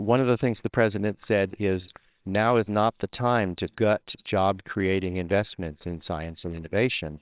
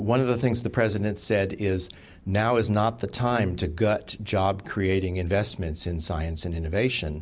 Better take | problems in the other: second | noise reduction (neural separator model SepFormer WHAMR!)

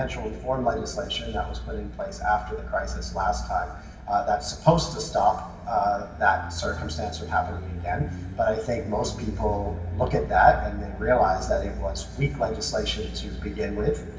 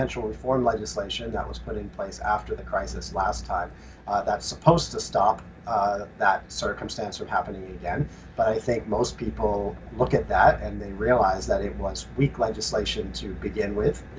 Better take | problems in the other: second | background sound (Motorcycle); 14 dB below the speech // room echo; dies away in 1.4 s

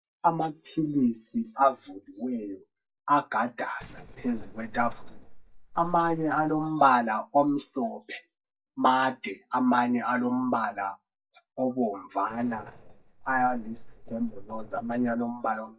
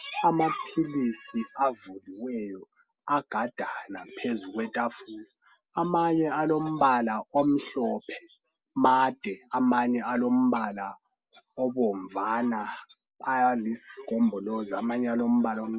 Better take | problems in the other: second | noise reduction (neural mask model DeepFilterNet 3)

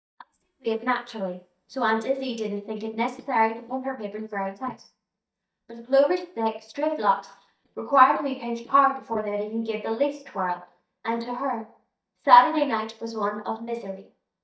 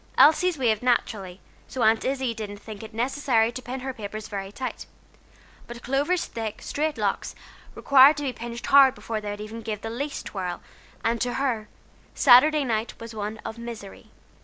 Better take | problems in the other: second | noise reduction (neural mask model DeepFilterNet 3)

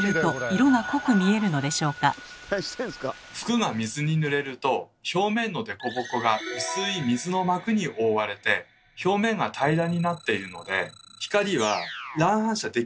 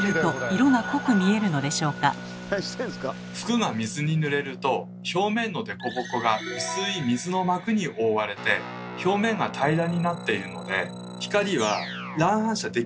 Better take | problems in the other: first | background sound (Guitar); 13 dB below the speech

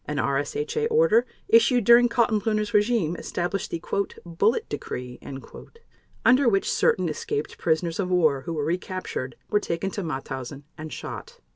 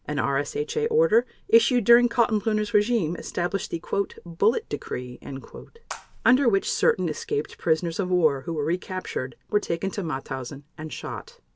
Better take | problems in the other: first | background sound (Water / Splash, splatter); 20 dB below the speech

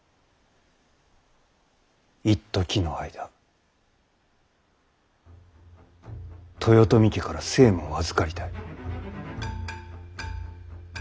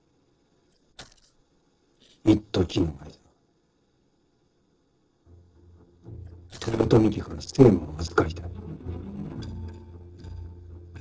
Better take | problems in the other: first | noise reduction (neural separator model SepFormer DNS4)

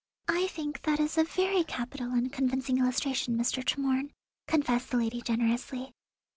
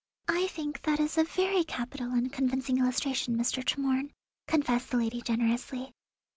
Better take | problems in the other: second | noise reduction (neural separator model SepFormer DNS4)

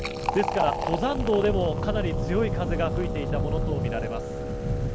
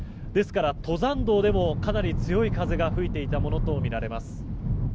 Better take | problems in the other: second | background sound (Wind instrument, woodwind instrument + Fill (with liquid)); 6 dB below the speech

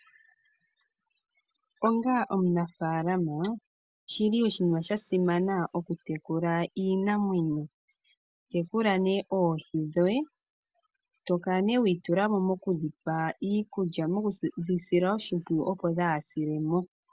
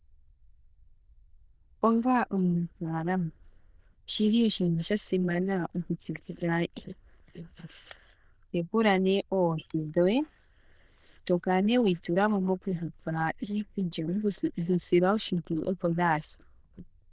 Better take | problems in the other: first | noise reduction (neural diffusion model UNIVERSE++)

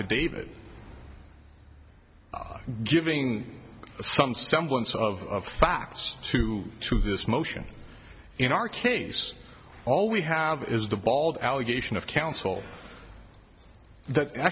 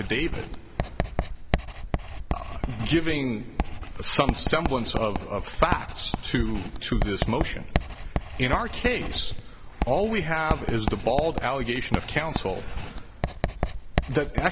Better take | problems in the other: first | background sound (Writing); 1 dB below the speech

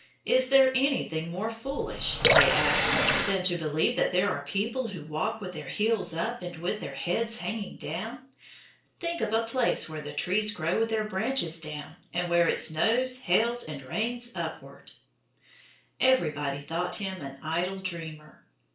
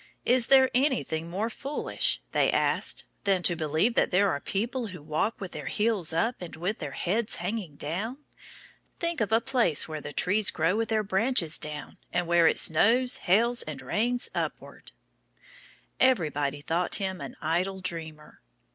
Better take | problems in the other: second | background sound (Water tap, faucet / Water); 4 dB above the speech // room echo; dies away in 0.3 s

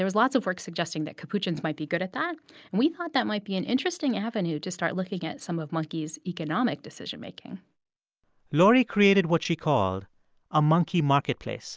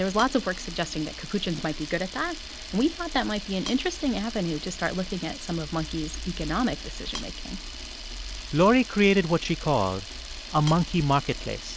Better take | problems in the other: first | background sound (Camera); 10 dB below the speech

